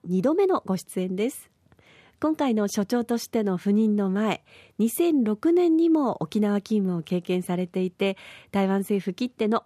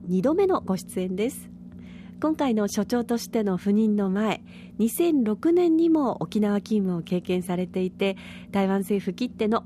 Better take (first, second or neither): first